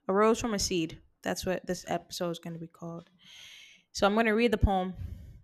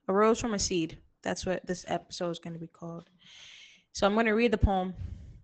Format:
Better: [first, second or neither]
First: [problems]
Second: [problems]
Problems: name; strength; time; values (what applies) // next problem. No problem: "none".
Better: first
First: none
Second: garbled, watery; badly; nothing above 7 kHz